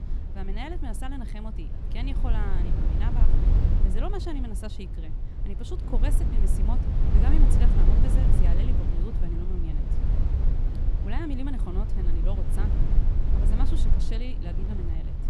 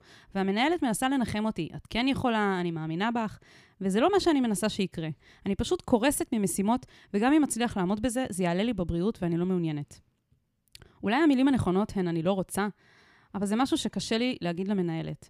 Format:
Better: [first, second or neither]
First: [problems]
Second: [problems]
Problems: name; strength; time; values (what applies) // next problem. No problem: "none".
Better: second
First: low rumble; loud; throughout; 1 dB below the speech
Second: none